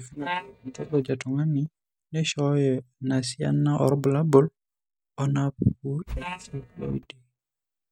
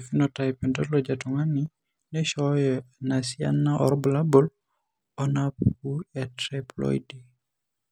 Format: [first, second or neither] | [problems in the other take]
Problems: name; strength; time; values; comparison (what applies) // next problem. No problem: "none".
second | noise reduction (neural mask model DeepFilterNet 3)